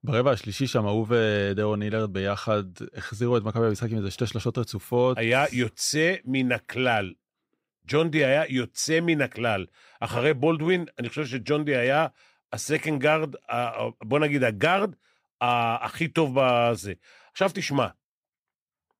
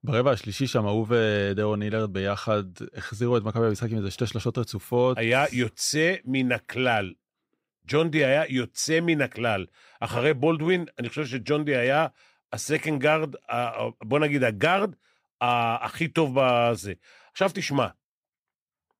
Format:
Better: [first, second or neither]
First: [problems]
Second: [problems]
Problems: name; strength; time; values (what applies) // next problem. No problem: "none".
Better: neither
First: none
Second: none